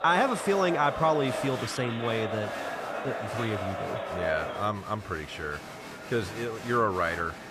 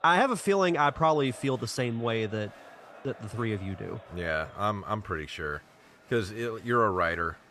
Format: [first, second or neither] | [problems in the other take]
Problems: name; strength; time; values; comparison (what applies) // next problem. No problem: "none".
second | crowd noise; loud; throughout; 5 dB below the speech; faint in the second